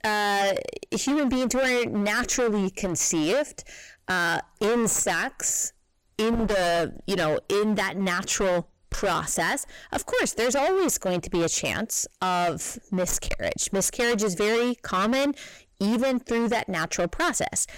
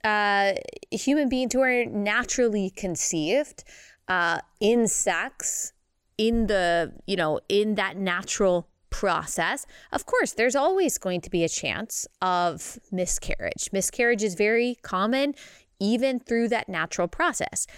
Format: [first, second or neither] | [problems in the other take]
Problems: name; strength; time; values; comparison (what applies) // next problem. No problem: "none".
second | distortion; heavy; 22% of the sound clipped